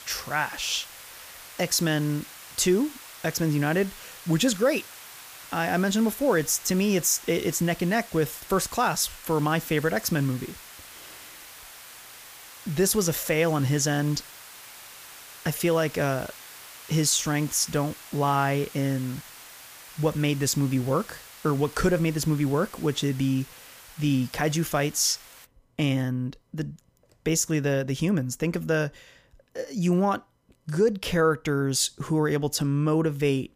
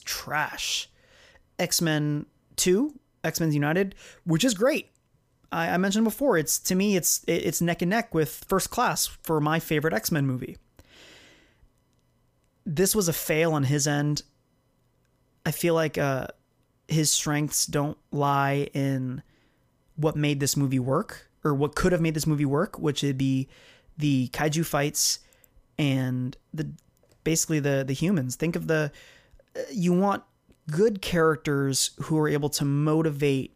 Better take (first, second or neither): second